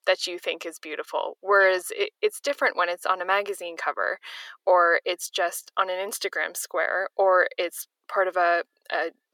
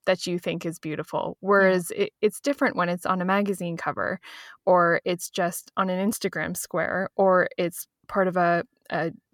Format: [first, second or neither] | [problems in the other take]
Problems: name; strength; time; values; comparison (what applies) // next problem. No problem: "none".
second | thin; very; fading below 400 Hz